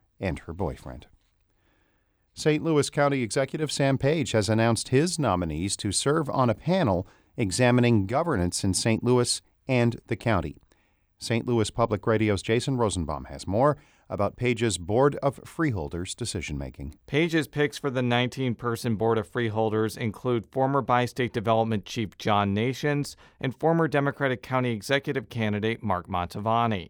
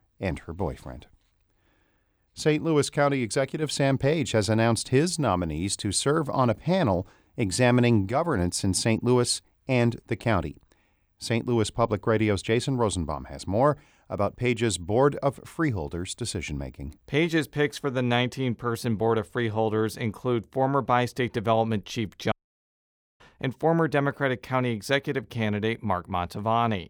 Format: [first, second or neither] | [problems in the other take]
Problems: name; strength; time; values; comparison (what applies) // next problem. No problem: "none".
first | audio cutting out; at 22 s for 1 s